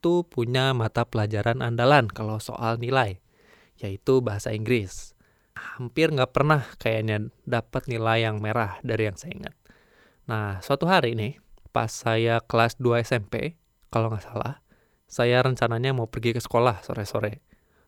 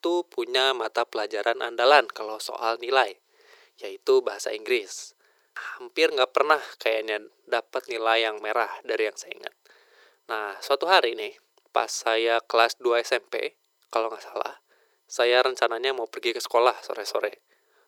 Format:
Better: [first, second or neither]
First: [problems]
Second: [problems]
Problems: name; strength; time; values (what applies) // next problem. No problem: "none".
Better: first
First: none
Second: thin; very; fading below 400 Hz